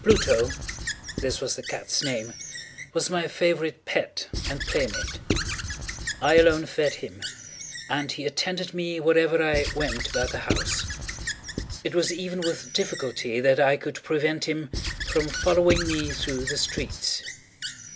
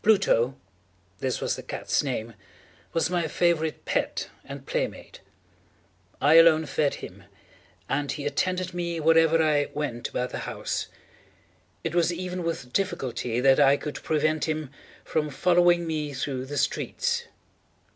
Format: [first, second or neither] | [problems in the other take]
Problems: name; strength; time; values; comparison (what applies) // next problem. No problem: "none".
second | background sound (Squeak / Writing); 7 dB below the speech